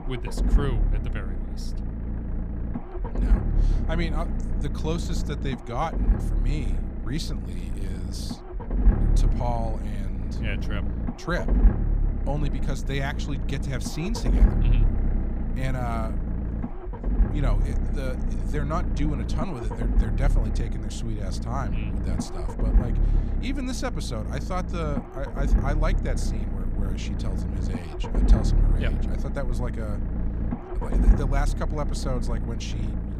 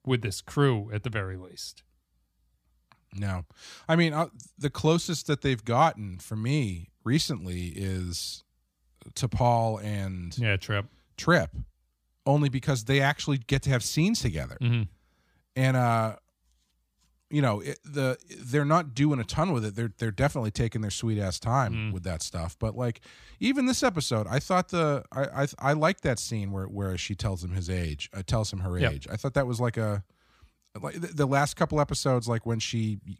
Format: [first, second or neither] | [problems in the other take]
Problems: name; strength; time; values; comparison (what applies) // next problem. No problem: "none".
second | low rumble; loud; throughout; 4 dB below the speech